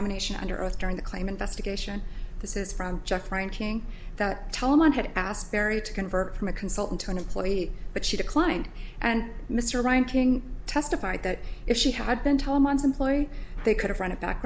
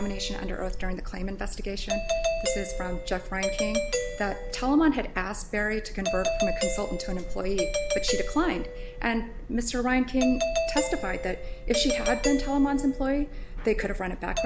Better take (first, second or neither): first